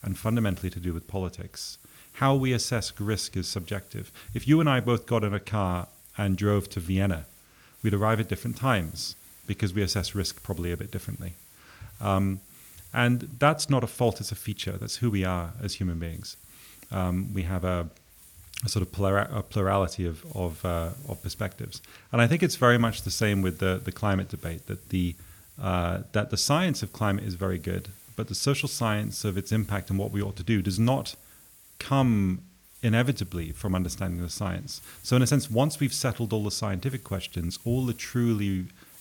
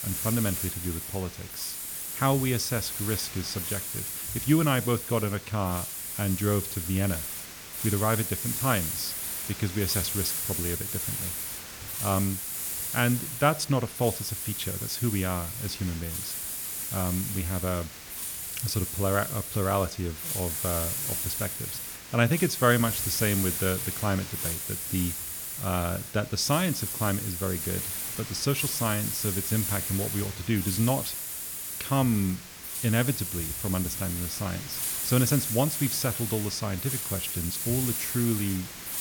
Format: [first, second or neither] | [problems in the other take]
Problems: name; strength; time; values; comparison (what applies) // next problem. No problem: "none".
first | hiss; loud; throughout; 2 dB below the speech; faint in the first